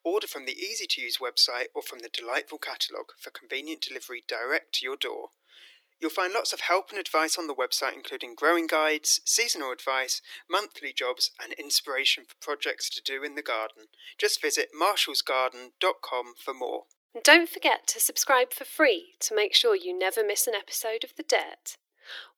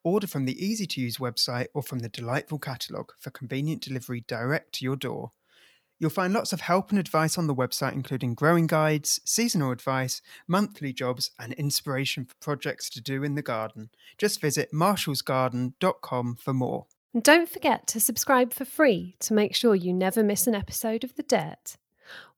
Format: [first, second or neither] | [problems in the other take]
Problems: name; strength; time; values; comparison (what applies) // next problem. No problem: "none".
second | thin; very; fading below 300 Hz